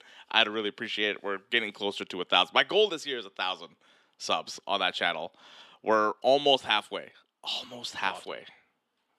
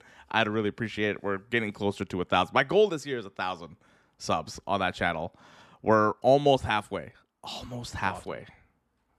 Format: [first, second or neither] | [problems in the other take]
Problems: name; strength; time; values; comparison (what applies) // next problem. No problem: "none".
second | thin; very slightly; fading below 300 Hz